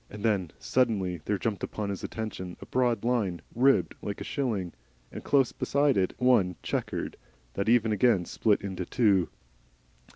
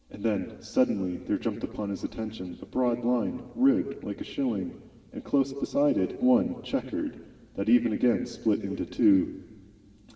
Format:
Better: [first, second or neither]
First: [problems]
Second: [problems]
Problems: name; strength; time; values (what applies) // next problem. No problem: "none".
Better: first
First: none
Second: room echo; dies away in 2.4 s